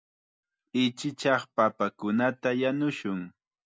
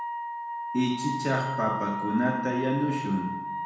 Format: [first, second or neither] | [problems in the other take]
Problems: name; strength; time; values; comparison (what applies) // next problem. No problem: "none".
first | background sound (Wind instrument, woodwind instrument); 4 dB below the speech // room echo; dies away in 1 s